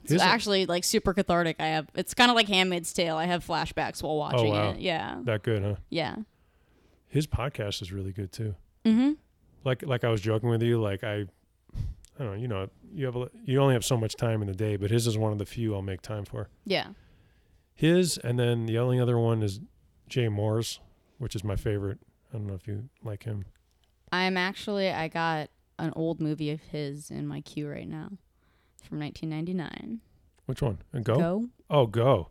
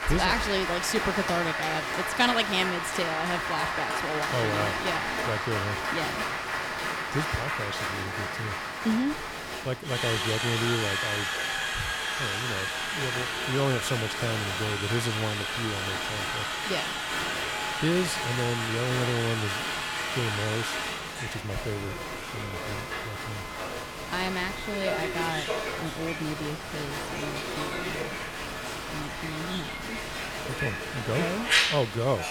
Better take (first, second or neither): first